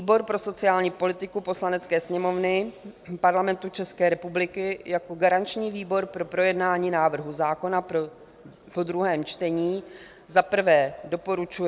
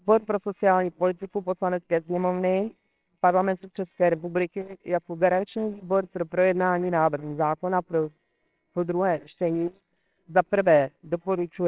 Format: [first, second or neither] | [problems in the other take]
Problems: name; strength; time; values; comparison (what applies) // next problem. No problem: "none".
first | noise reduction (neural separator model SepFormer WHAMR!)